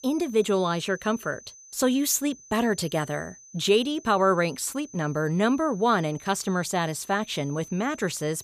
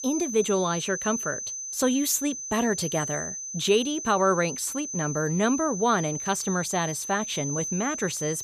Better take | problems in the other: first | high-pitched whine; loud; throughout; 6 kHz, 5 dB below the speech; faint in the first

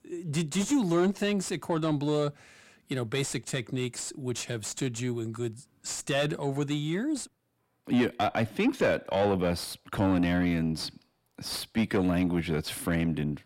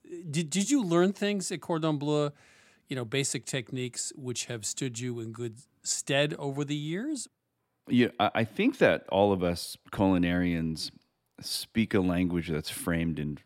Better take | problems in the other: second | distortion; slight; 10 dB below the speech

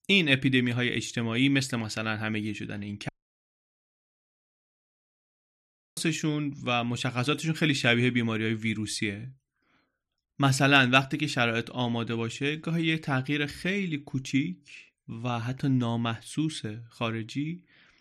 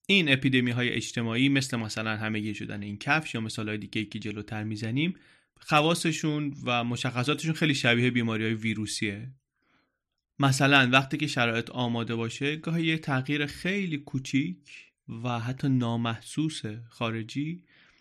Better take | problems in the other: second | audio cutting out; at 3 s for 3 s

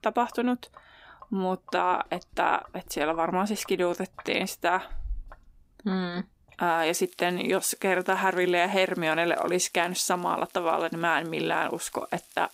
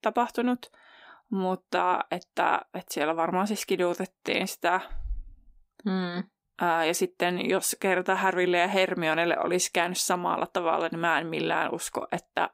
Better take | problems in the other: second | household noises; faint; throughout; 25 dB below the speech

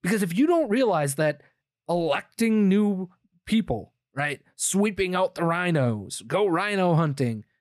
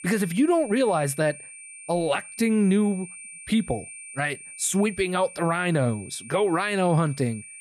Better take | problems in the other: first | high-pitched whine; noticeable; throughout; 9 kHz, 15 dB below the speech

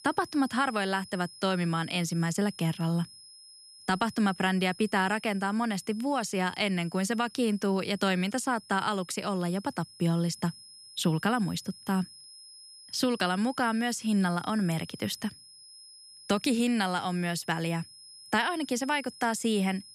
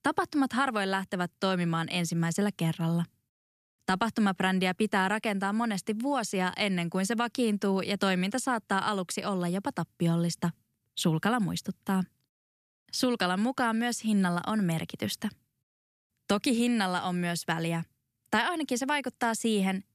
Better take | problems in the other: second | high-pitched whine; noticeable; throughout; 5 kHz, 20 dB below the speech

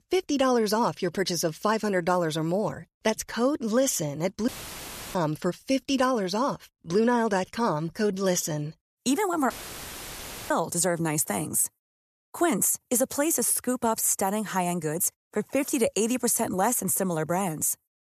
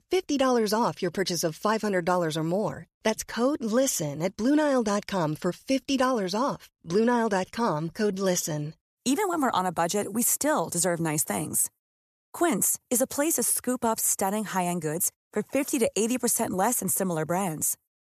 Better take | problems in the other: second | audio cutting out; filled with static; at 4.5 s for 0.5 s and at 9.5 s for 1 s

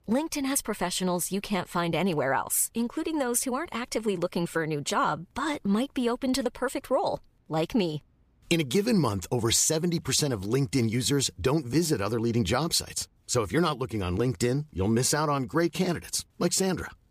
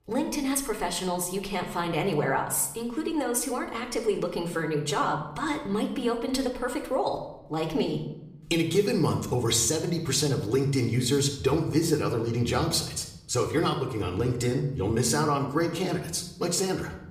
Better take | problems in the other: first | room echo; slight; dies away in 0.7 s

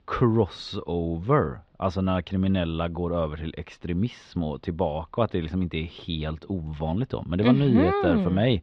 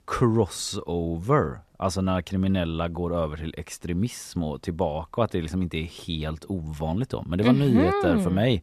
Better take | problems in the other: second | muffled; slightly; fading above 4 kHz

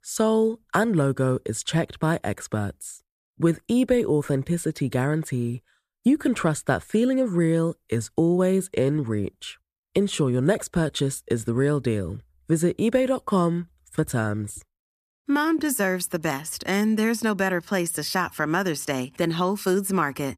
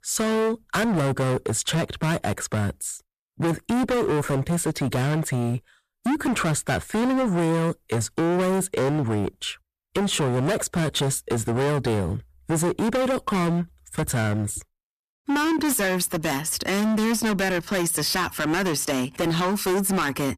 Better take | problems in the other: first | distortion; heavy; 28% of the sound clipped

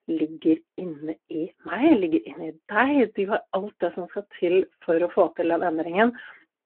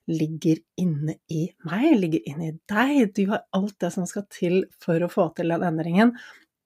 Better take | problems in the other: second | phone-call audio

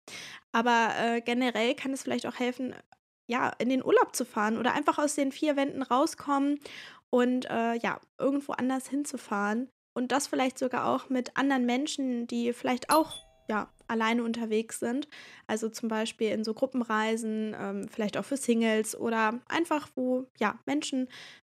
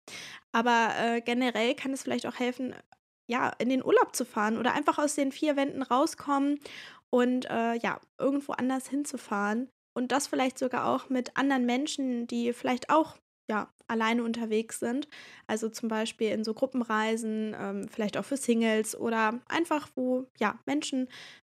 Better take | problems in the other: second | doorbell; noticeable; at 13 s; peak 7 dB below the speech

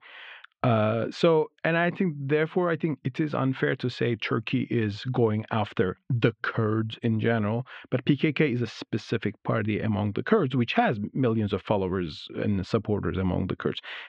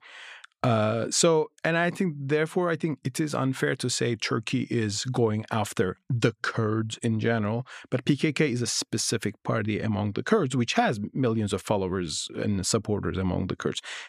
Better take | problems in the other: second | muffled; very; fading above 3 kHz

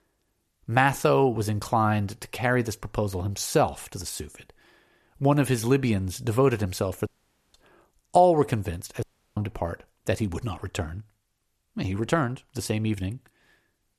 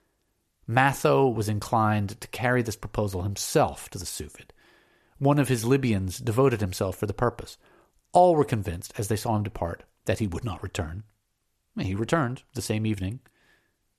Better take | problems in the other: second | audio cutting out; at 7 s and at 9 s

